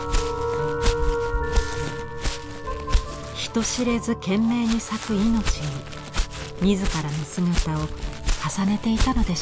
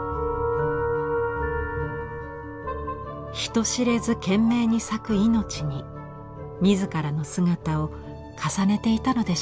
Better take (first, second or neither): second